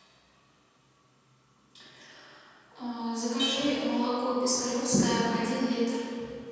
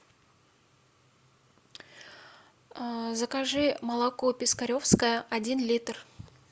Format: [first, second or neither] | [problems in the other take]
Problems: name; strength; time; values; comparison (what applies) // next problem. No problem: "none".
second | background sound (Crash cymbal); 14 dB below the speech // room echo; dies away in 2.1 s